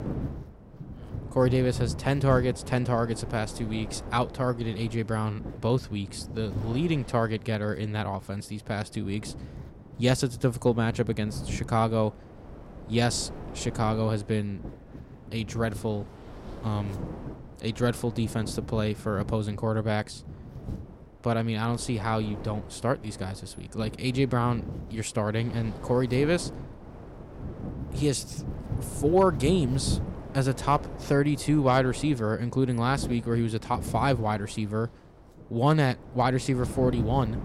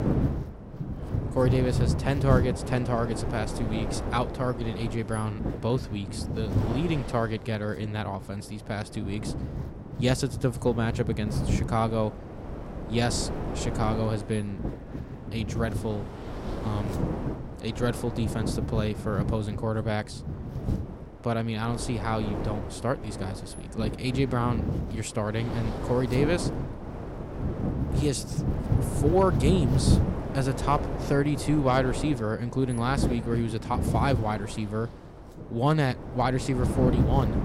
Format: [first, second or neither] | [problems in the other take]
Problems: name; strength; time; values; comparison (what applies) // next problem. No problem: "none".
first | wind noise on the microphone; heavy; 7 dB below the speech; occasional gusts in the first